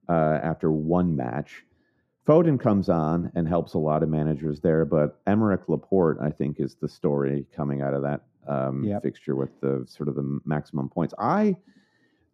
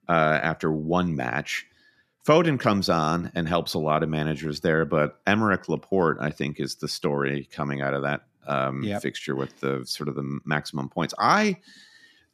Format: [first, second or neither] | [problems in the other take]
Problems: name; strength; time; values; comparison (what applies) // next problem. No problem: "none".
second | muffled; very; fading above 1.5 kHz